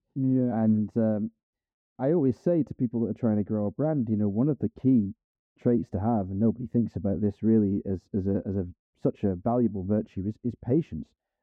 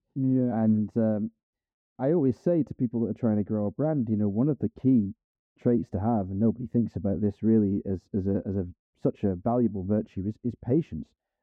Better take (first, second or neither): neither